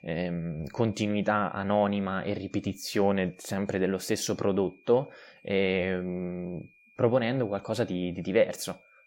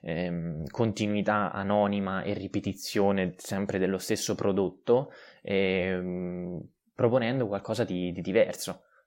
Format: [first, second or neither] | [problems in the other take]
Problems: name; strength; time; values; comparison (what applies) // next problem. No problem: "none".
second | high-pitched whine; faint; throughout; 2.5 kHz, 30 dB below the speech